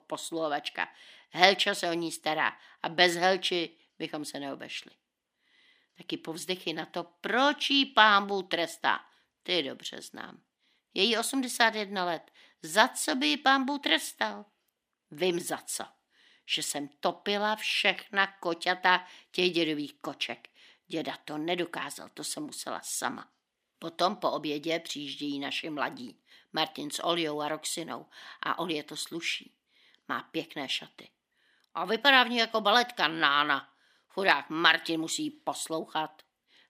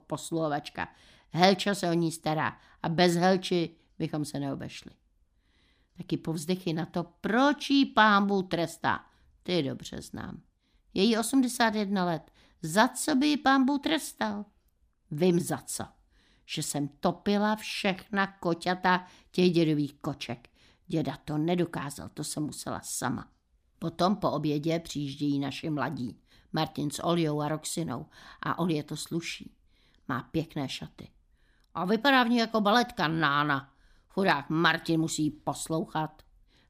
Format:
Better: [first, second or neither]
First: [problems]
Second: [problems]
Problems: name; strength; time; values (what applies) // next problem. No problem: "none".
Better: second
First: thin; somewhat; fading below 350 Hz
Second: none